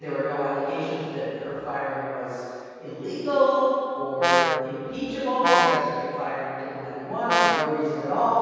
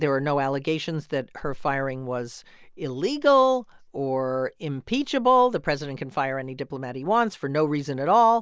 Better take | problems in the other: second | background sound (Brass instrument); 1 dB above the speech // room echo; dies away in 2.2 s

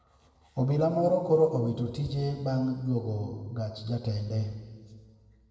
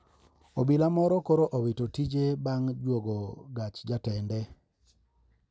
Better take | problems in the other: second | room echo; dies away in 1.8 s

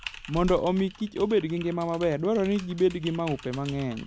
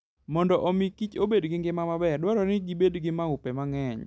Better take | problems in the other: second | background sound (Typing); 15 dB below the speech

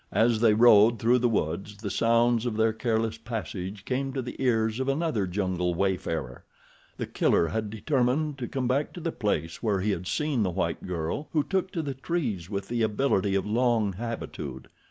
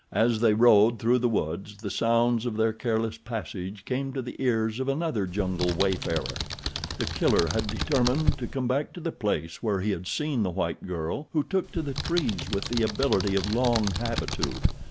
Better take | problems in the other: first | background sound (Computer keyboard); 4 dB below the speech

